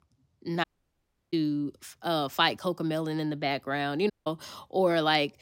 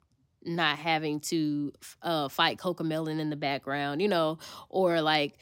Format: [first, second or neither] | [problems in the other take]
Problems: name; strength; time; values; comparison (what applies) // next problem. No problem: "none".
second | audio cutting out; at 0.5 s for 0.5 s and at 4 s